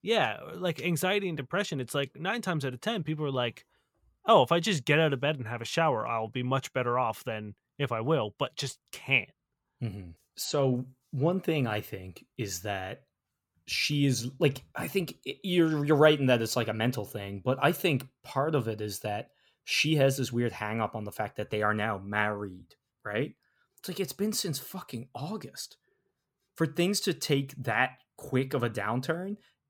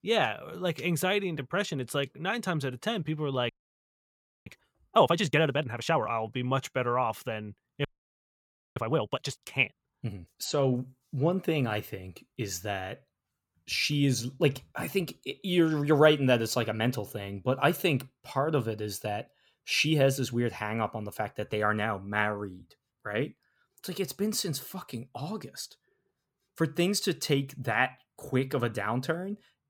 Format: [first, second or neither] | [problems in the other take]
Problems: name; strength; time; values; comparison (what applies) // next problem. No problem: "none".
first | audio freezing; at 3.5 s for 1 s and at 8 s for 1 s